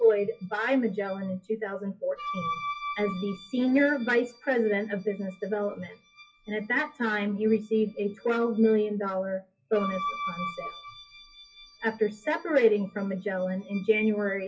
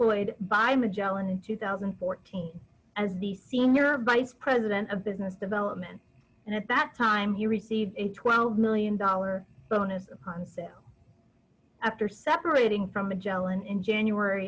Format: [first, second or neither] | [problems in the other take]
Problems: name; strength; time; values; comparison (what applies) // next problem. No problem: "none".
second | noise reduction (classical method WPE with log-MMSE)